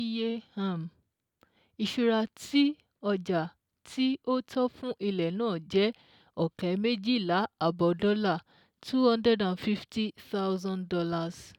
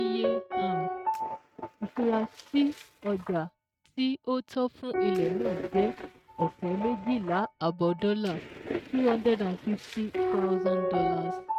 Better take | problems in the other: first | noise reduction (neural mask model RNNoise)

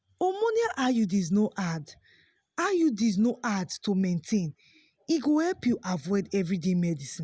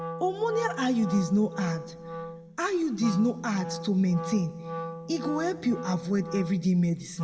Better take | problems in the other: first | background sound (Wind instrument, woodwind instrument); 10 dB below the speech // room echo; dies away in 1.2 s

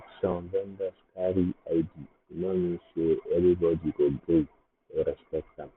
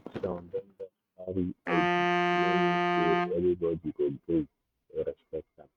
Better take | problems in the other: first | noise reduction (neural mask model RNNoise)

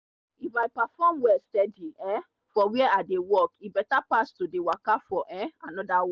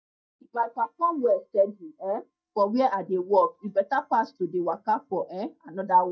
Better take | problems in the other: first | noise reduction (neural mask model DeepFilterNet 3)

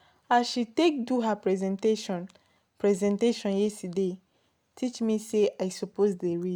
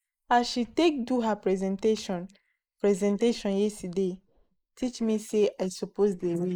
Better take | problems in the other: first | noise reduction (neural mask model Resemble Enhance denoiser)

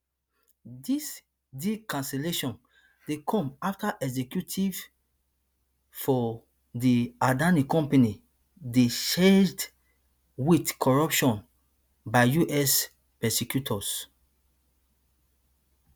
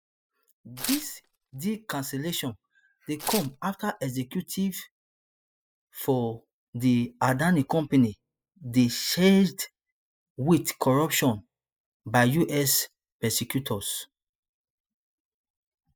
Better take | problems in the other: first | noise reduction (classical method spectral subtraction)

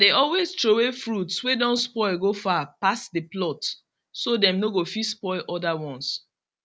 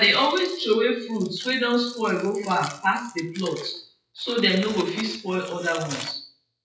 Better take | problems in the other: first | noise reduction (classical method WPE with log-MMSE)

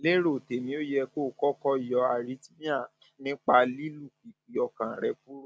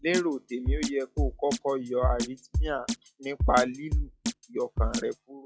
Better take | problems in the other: first | noise reduction (classical method log-MMSE)

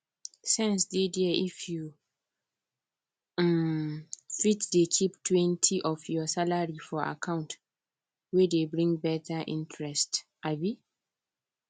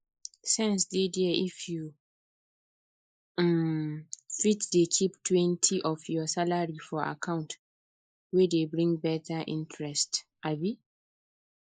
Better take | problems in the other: first | noise reduction (neural mask model Resemble Enhance denoiser)

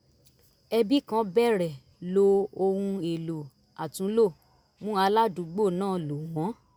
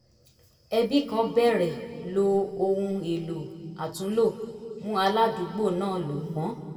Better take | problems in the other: first | room echo; dies away in 1.9 s

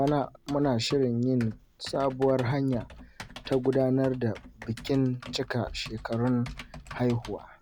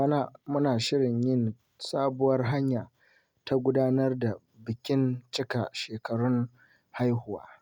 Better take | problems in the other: second | background sound (Typing); 17 dB below the speech

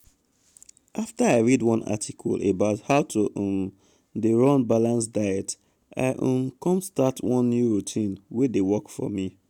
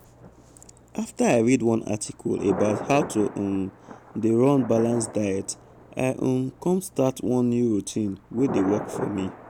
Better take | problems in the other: first | background sound (Thunder); 13 dB below the speech

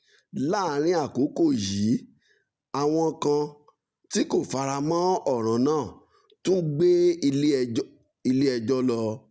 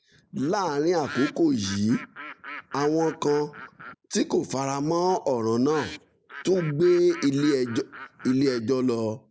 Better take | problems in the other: first | noise reduction (neural mask model Resemble Enhance denoiser)

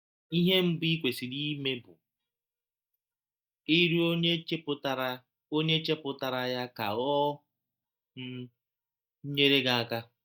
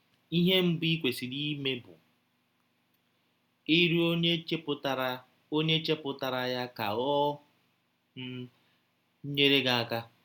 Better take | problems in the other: second | noise reduction (neural mask model DeepFilterNet 3)

